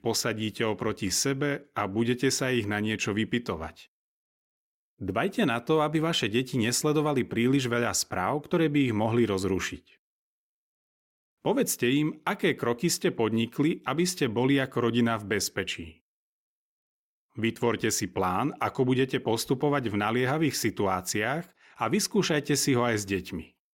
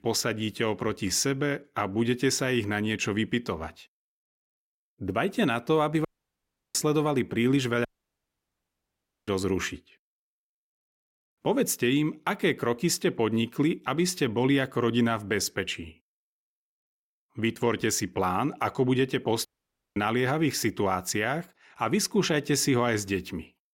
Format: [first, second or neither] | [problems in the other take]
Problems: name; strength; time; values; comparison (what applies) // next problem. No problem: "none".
first | audio cutting out; at 6 s for 0.5 s, at 8 s for 1.5 s and at 19 s for 0.5 s